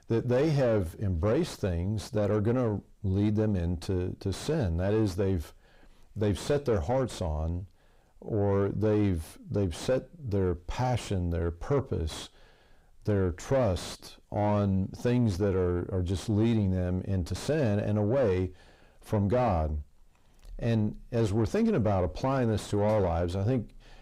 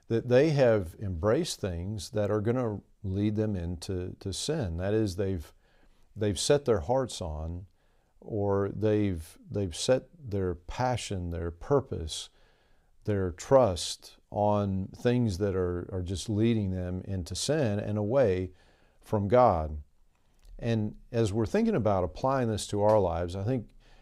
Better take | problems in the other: second | distortion; heavy; 6 dB below the speech

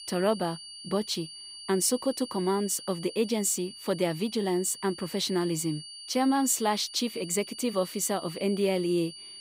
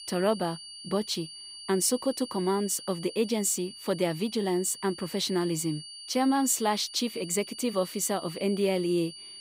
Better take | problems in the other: neither | high-pitched whine; noticeable; throughout; 4.5 kHz, 15 dB below the speech; the same in both

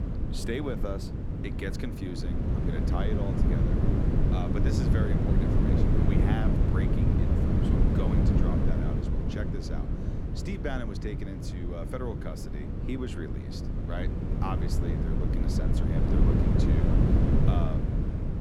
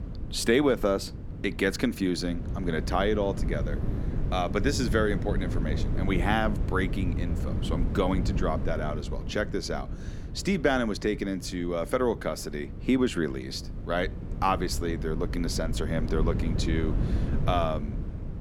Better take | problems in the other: second | wind noise on the microphone; heavy; 3 dB above the speech; occasional gusts in the second

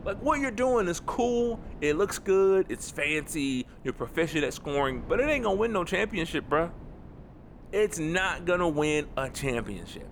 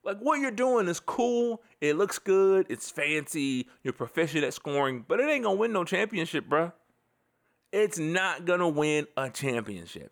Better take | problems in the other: second | wind noise on the microphone; occasional gusts; 25 dB below the speech

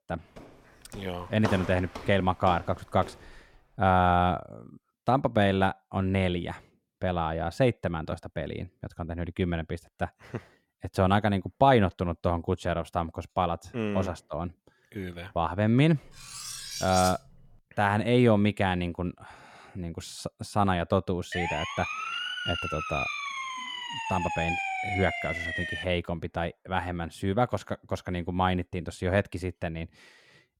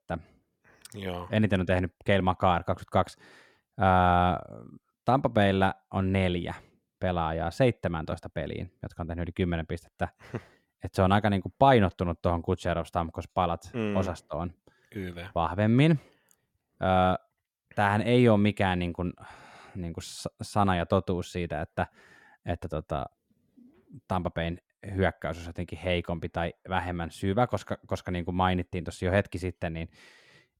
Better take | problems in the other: second | footsteps; noticeable; until 3 s; peak 6 dB below the speech // clattering dishes; noticeable; from 16 to 18 s; peak 4 dB below the speech // siren; noticeable; from 21 to 26 s; peak 1 dB below the speech

